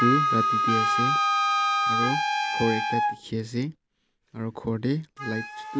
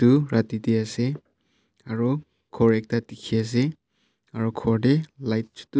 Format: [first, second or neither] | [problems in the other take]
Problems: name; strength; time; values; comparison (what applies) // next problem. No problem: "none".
second | background sound (Trumpet + Wind instrument, woodwind instrument); 4 dB above the speech